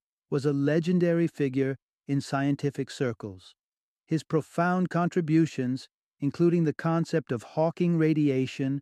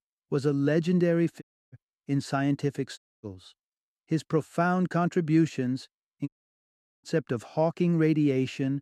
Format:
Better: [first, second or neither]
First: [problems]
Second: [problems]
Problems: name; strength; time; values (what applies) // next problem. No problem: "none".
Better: first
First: none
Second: audio cutting out; at 1.5 s, at 3 s and at 6.5 s for 1 s